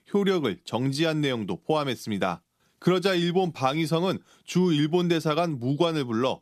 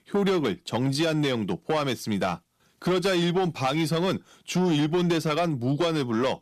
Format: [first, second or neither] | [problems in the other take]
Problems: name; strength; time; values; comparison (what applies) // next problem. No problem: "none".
first | distortion; slight; 10 dB below the speech